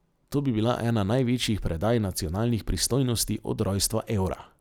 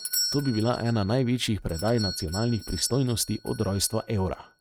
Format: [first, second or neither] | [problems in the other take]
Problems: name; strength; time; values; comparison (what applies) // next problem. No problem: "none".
first | noise reduction (neural mask model RNNoise)